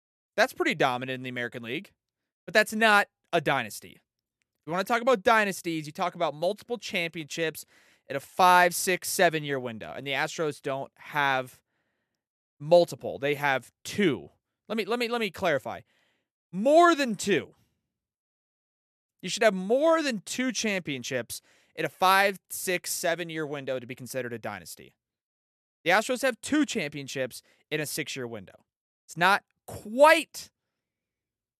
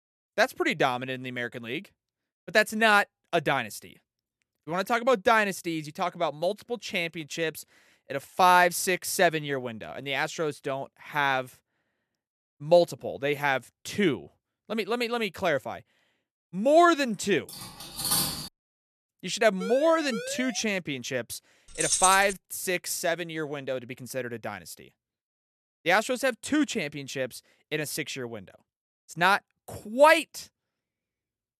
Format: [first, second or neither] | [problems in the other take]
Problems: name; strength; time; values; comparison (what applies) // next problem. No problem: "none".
first | clattering dishes; loud; at 17 s; peak 2 dB above the speech // siren; noticeable; from 20 to 21 s; peak 10 dB below the speech // jangling keys; loud; at 22 s; peak 3 dB above the speech